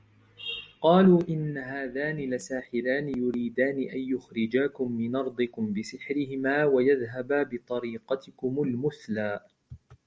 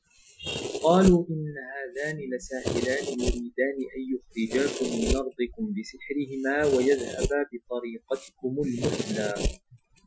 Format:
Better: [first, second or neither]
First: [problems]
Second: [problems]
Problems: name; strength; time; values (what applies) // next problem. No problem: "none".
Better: first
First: none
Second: noise reduction (classical method Wiener filter)